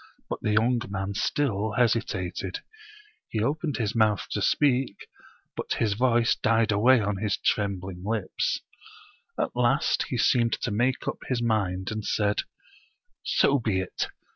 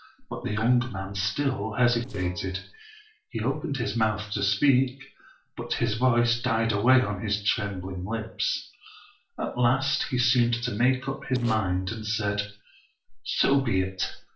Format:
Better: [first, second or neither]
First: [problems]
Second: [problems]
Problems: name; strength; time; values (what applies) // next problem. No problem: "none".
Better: first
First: none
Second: noise reduction (neural separator model SepFormer DNS4)